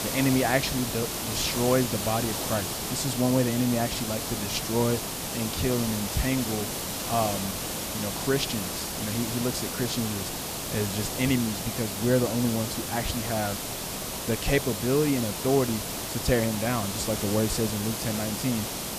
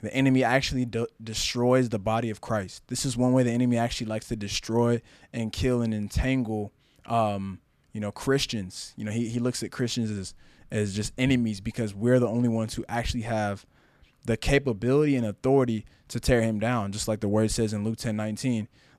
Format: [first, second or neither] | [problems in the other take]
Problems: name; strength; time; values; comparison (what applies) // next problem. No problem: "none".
second | hiss; loud; throughout; 2 dB below the speech